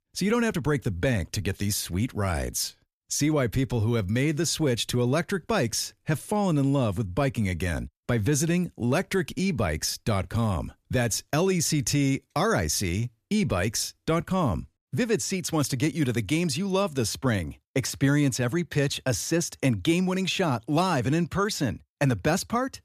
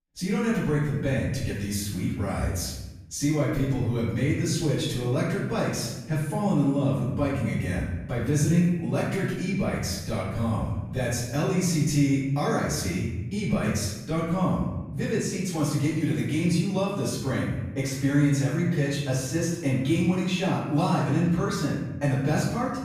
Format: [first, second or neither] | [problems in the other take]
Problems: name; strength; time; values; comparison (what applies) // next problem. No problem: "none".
first | room echo; noticeable; dies away in 1 s // off-mic speech; far